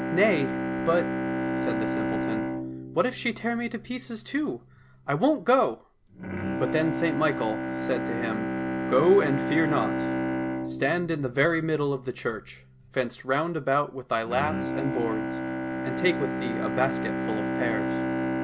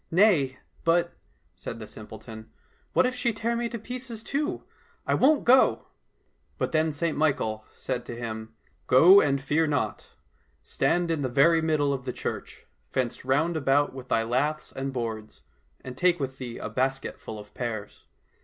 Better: second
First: background sound (Bowed string instrument); 3 dB below the speech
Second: none

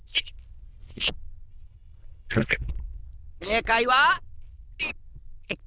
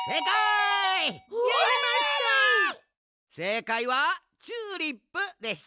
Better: second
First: noise reduction (neural diffusion model UNIVERSE++)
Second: none

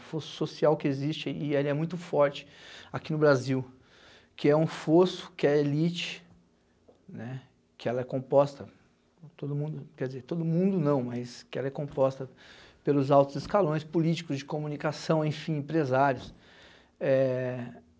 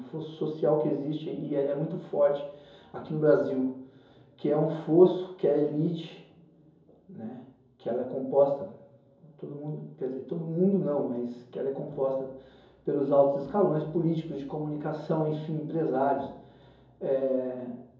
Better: first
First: none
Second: room echo; dies away in 2.8 s

